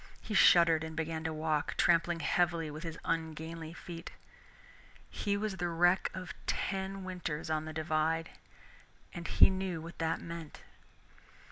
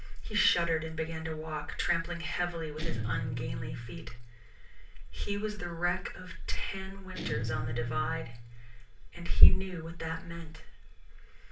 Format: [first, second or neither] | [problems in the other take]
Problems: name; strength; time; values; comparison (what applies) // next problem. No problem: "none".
first | background sound (Guitar); 14 dB below the speech // room echo; dies away in 0.3 s